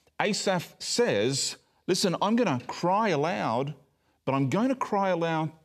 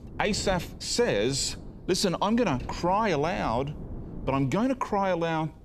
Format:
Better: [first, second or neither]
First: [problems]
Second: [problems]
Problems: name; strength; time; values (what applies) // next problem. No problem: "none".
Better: first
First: none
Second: wind noise on the microphone; occasional gusts; 25 dB below the speech